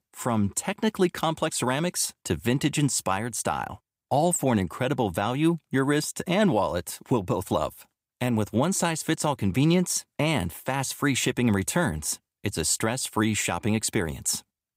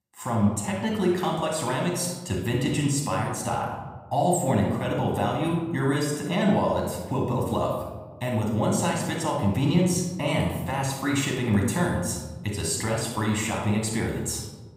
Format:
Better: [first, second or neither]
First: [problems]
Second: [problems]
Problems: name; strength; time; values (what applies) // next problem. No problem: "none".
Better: first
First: none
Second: off-mic speech; somewhat distant // room echo; noticeable; dies away in 1.1 s